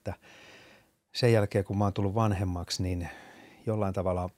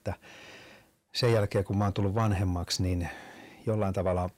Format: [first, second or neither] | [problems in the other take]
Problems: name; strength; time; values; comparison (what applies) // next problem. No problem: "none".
first | distortion; slight; 10 dB below the speech